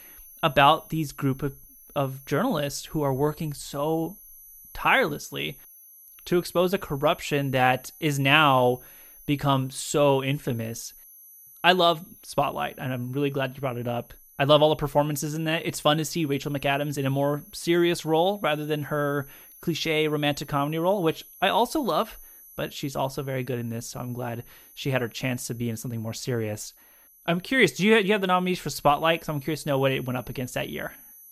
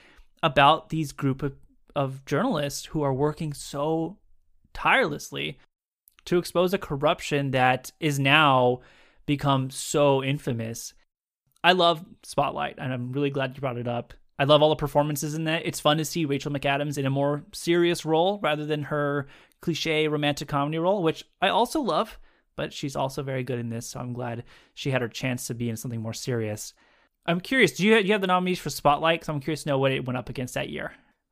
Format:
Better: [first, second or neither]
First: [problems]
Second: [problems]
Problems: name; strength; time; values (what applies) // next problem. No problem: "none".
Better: second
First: high-pitched whine; faint; throughout; 12 kHz, 20 dB below the speech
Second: none